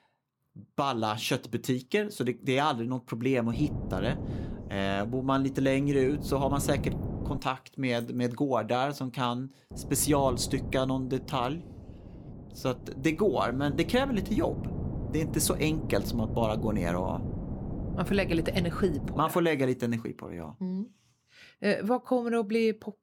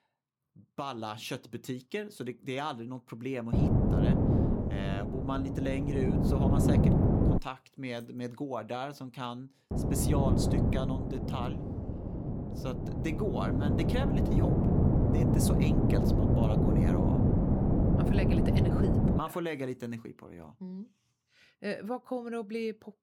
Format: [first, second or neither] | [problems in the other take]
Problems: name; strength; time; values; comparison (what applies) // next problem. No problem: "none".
first | wind noise on the microphone; heavy; from 3.5 to 7.5 s and from 9.5 to 19 s; 3 dB above the speech; occasional gusts in the first